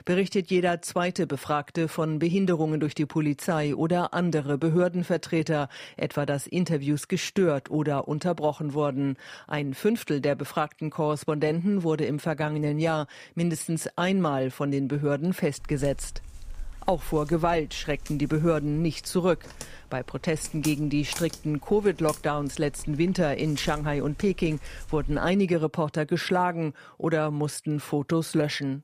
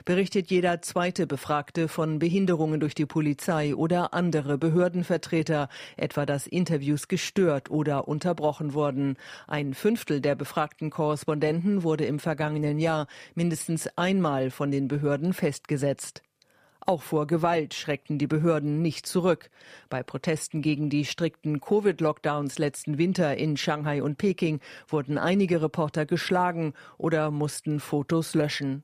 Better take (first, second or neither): second